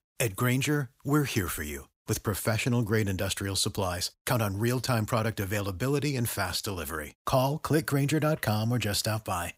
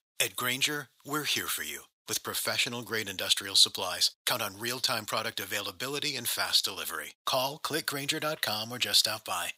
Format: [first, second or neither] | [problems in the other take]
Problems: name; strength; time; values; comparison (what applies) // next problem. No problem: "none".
first | thin; somewhat; fading below 1 kHz